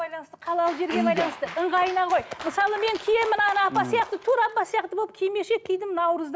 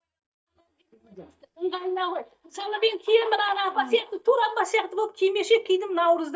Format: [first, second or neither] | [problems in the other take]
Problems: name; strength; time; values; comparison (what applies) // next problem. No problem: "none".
first | noise reduction (neural mask model DeepFilterNet 3)